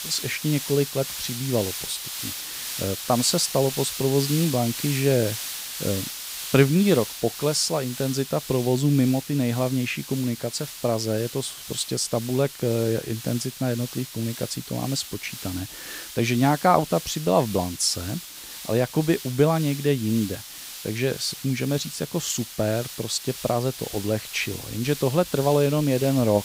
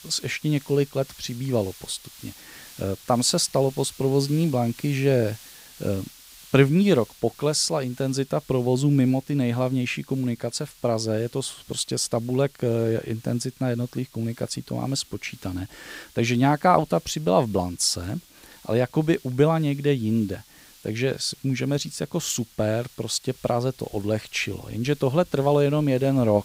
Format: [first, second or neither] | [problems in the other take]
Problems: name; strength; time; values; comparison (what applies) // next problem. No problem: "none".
second | hiss; loud; throughout; 9 dB below the speech; faint in the second